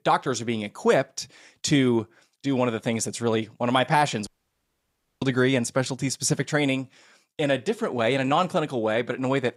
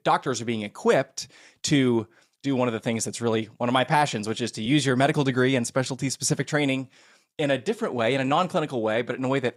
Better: second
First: audio cutting out; at 4.5 s for 1 s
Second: none

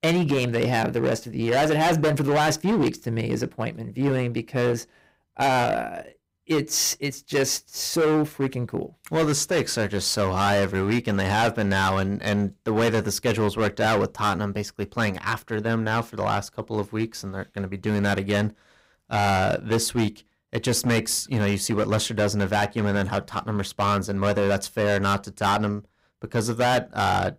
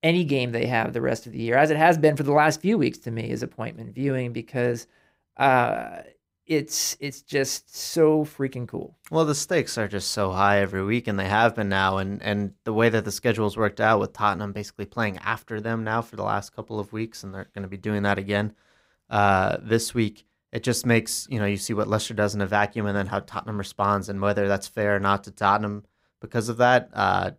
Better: second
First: distortion; heavy; 12% of the sound clipped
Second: none

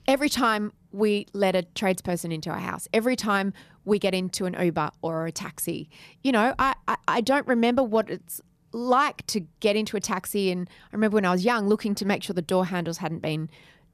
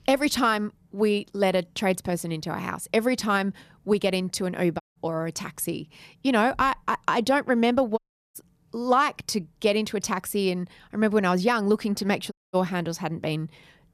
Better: first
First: none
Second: audio cutting out; at 5 s, at 8 s and at 12 s

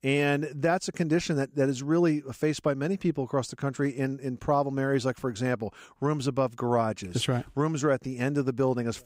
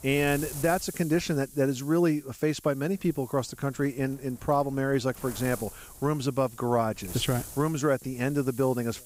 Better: first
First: none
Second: wind noise on the microphone; occasional gusts; 20 dB below the speech

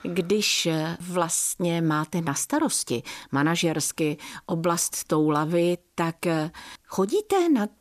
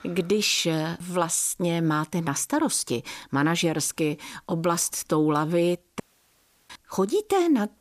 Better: first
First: none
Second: audio cutting out; at 6 s for 0.5 s

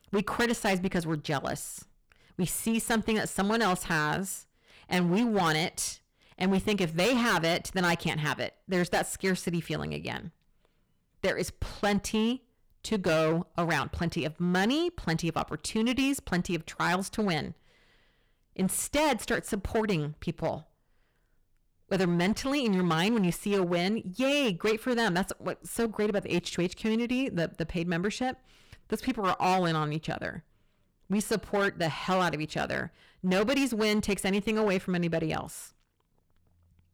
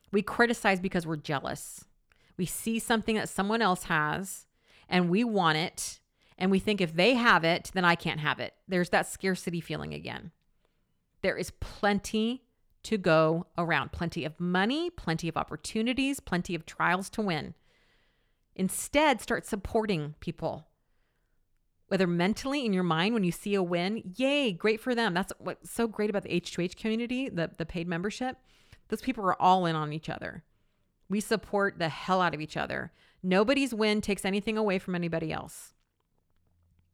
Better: second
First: distortion; heavy; 10% of the sound clipped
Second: none

